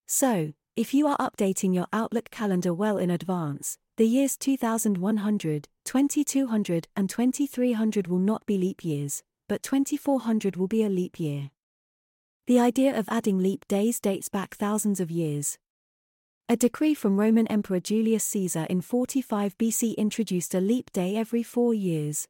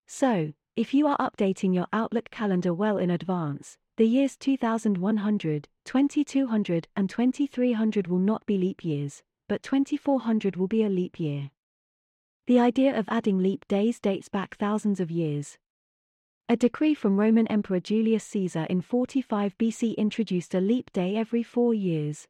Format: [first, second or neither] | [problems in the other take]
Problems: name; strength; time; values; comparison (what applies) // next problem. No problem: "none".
first | muffled; slightly; fading above 3 kHz